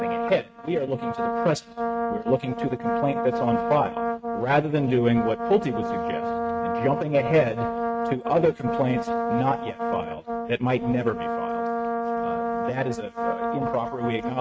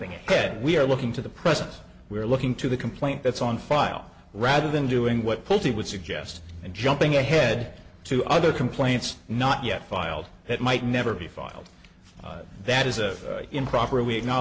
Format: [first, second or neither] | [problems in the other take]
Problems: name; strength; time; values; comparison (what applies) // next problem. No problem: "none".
second | noise reduction (neural mask model RNNoise)